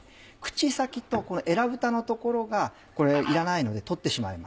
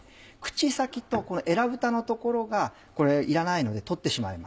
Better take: second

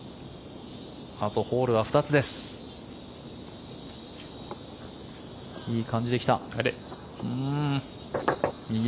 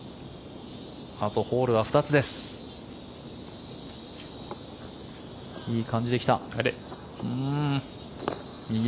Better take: second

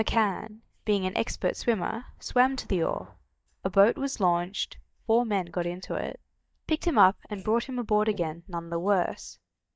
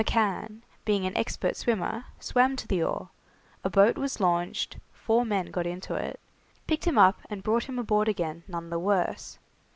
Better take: second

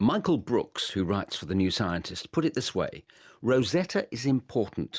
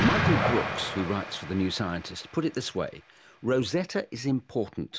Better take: first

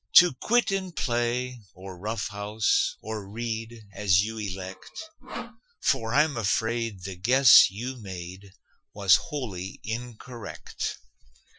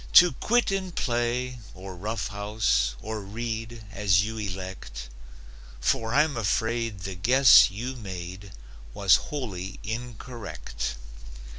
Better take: second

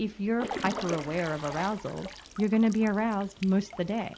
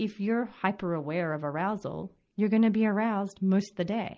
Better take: second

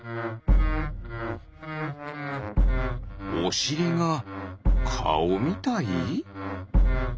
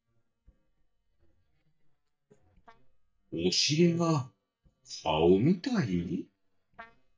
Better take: first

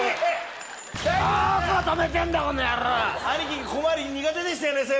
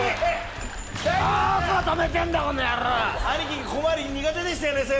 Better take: first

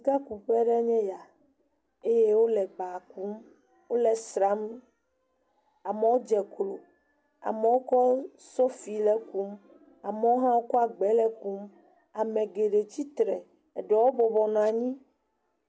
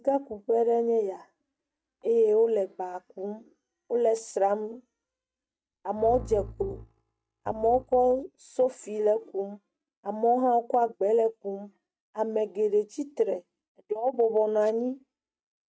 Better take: first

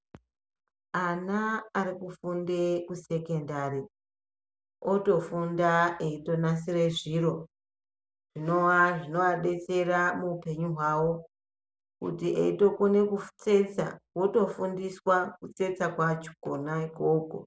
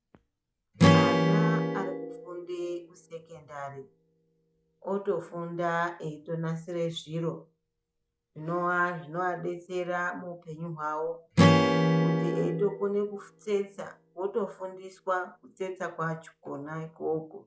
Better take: first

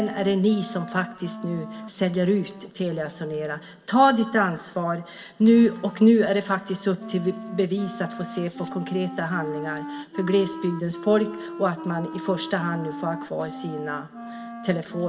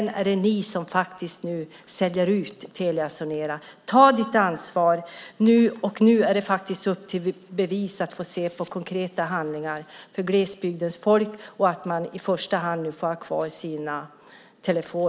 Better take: second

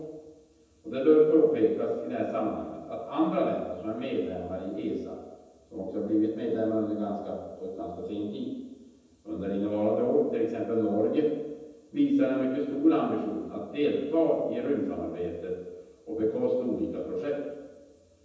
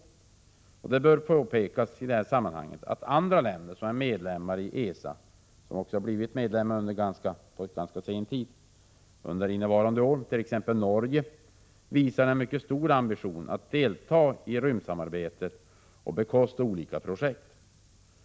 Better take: second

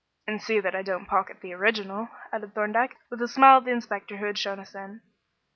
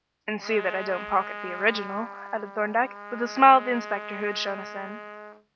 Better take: first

